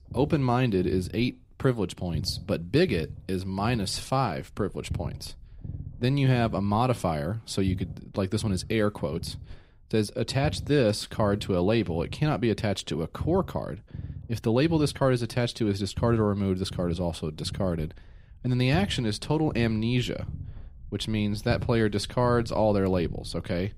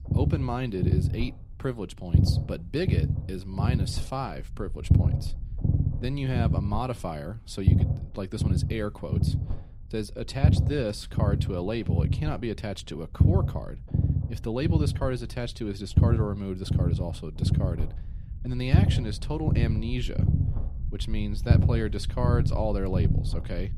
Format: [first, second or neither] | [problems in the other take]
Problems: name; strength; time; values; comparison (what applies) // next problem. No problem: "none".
first | low rumble; loud; throughout; 4 dB below the speech; faint in the first